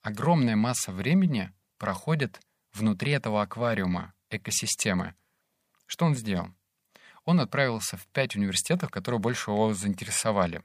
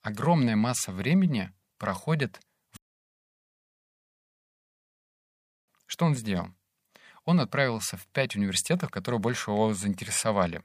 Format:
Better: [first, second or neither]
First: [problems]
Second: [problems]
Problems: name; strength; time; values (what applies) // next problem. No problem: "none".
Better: first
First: none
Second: audio cutting out; at 3 s for 3 s